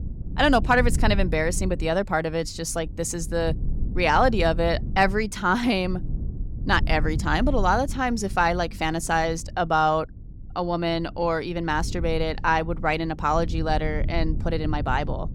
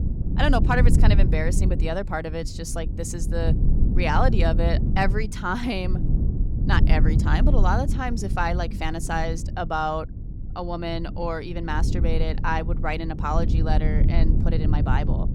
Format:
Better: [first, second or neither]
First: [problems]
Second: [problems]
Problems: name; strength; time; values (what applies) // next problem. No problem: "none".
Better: first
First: low rumble; faint; throughout; 20 dB below the speech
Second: low rumble; loud; throughout; 10 dB below the speech